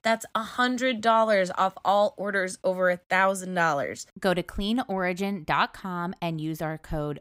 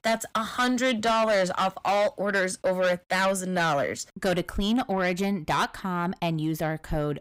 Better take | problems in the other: first | distortion; heavy; 8 dB below the speech

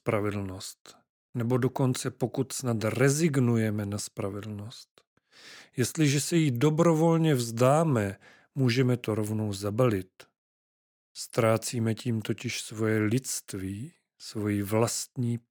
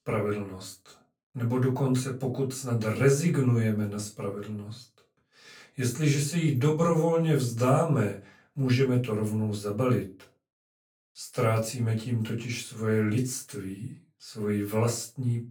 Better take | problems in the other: first | off-mic speech; far // room echo; very slight; dies away in 0.2 s

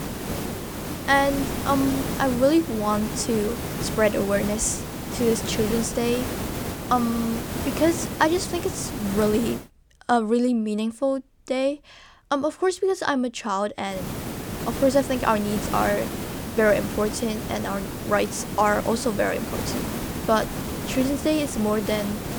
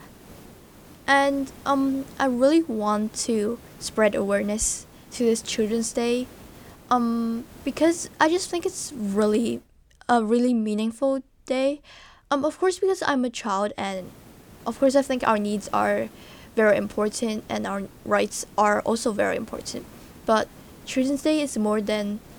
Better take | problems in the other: second | hiss; loud; until 9.5 s and from 14 s on; 6 dB below the speech; faint in the second

